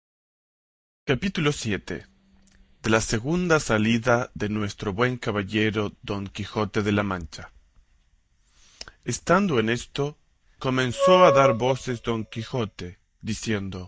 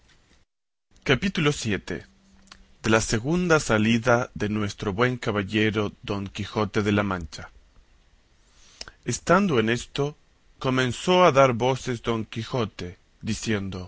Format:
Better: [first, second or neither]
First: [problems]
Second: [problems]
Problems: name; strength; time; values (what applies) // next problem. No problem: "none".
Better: second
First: noise reduction (neural mask model DeepFilterNet 3)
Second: none